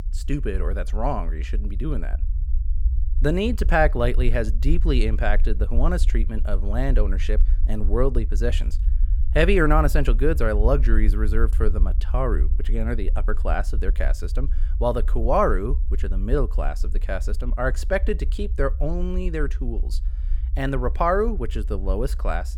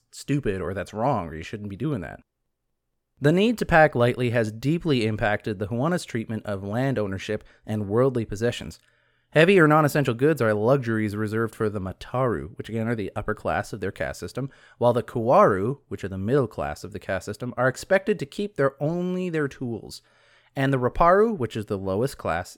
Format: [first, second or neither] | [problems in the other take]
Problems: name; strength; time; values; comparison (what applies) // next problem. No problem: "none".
second | low rumble; faint; throughout; 20 dB below the speech